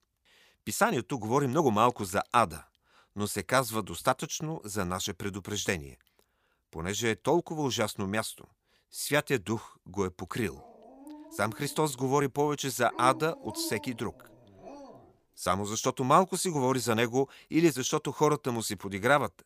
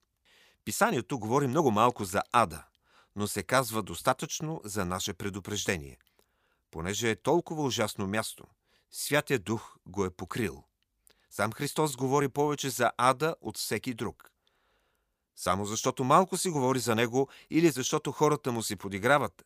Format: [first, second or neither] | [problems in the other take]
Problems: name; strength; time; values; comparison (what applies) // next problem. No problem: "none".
second | dog barking; noticeable; from 11 to 15 s; peak 10 dB below the speech